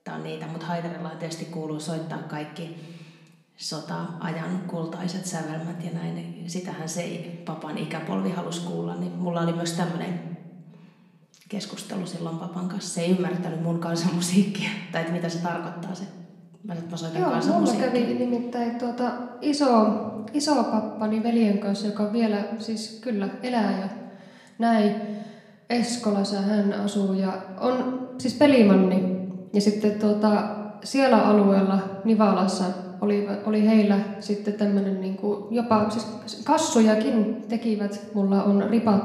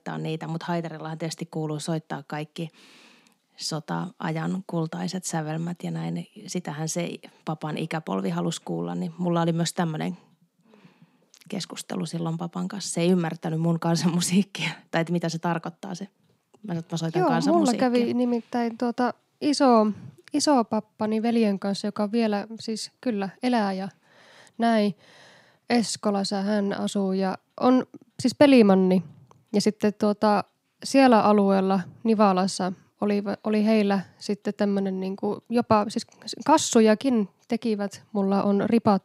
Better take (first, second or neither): second